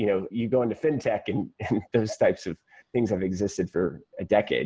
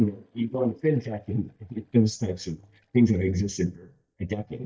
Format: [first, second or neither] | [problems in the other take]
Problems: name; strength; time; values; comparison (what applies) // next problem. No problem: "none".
first | noise reduction (neural mask model DeepFilterNet 3)